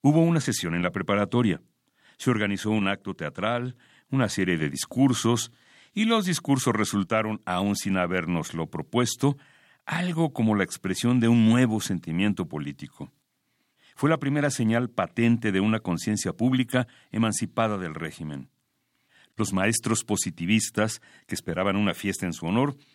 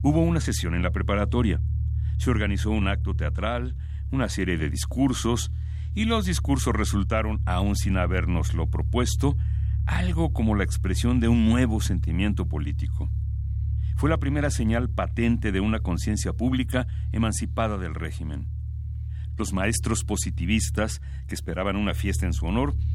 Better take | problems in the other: first | low rumble; noticeable; throughout; 15 dB below the speech

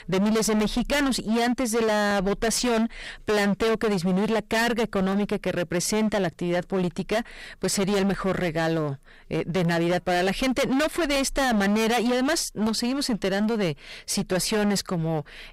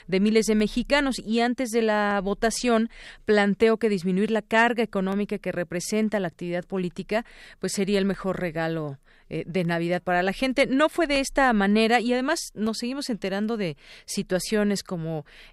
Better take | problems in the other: second | distortion; heavy; 28% of the sound clipped

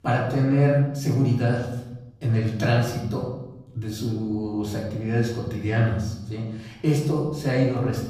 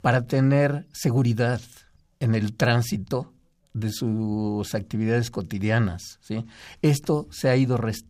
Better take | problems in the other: second | off-mic speech; far // room echo; noticeable; dies away in 0.9 s

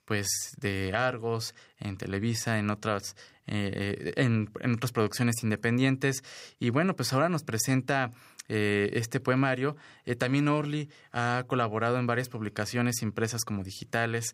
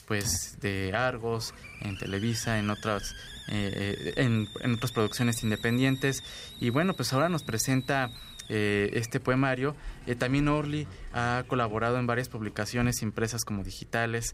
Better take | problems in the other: first | hiss; noticeable; throughout; 15 dB below the speech

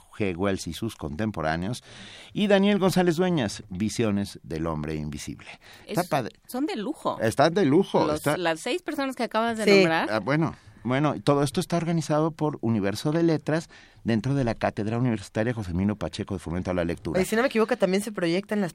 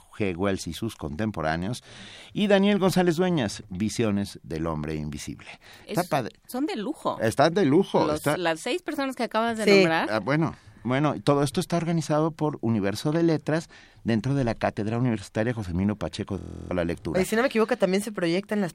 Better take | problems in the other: first | audio freezing; at 16 s

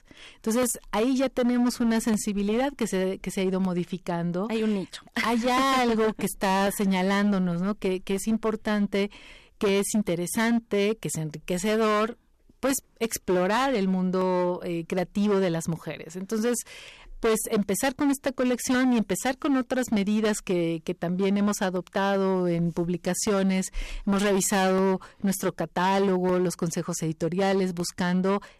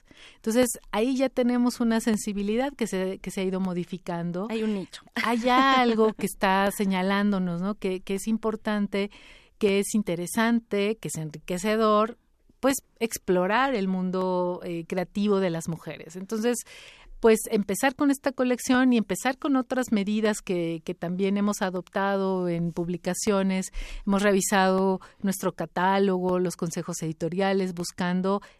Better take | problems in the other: second | distortion; slight; 12% of the sound clipped

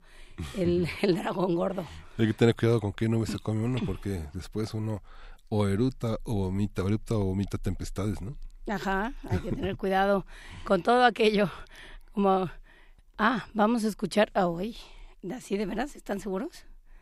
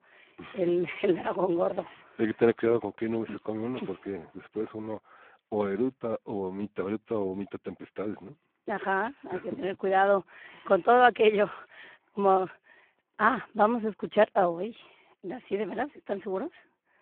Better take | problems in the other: first | phone-call audio; poor line

